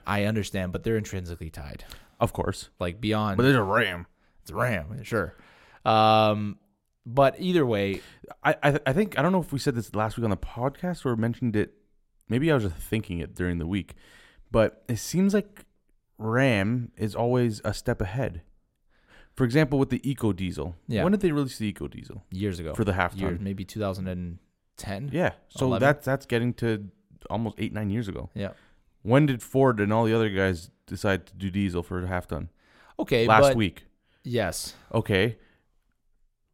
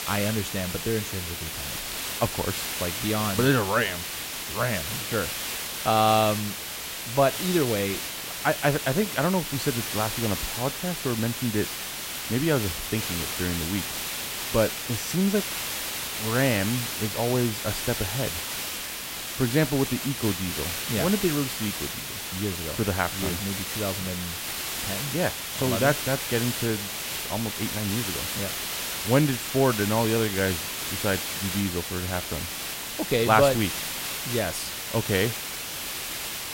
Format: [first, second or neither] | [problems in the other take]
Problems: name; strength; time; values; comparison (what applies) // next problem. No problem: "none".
first | hiss; loud; throughout; 3 dB below the speech